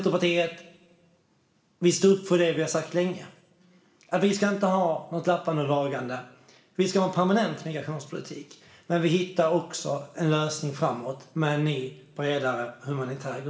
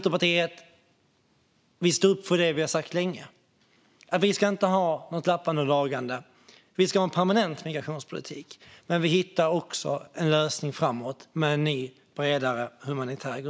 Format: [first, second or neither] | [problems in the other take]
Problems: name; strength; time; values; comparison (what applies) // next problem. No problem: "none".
second | room echo; dies away in 0.9 s